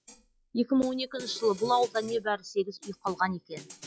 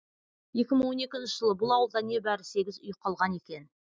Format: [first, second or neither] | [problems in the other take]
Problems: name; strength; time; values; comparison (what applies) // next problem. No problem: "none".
second | noise reduction (classical method log-MMSE)